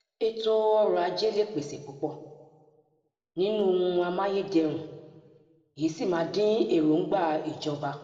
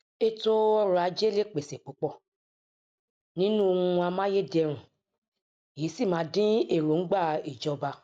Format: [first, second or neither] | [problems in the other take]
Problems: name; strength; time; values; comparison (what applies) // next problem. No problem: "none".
second | room echo; dies away in 1.2 s